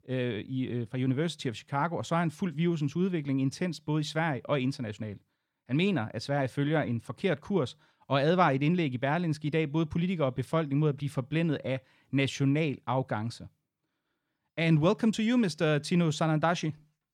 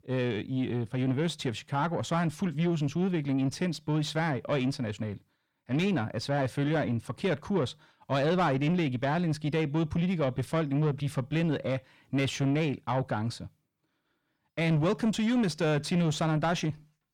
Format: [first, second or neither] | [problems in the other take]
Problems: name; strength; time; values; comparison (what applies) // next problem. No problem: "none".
first | distortion; slight; 10 dB below the speech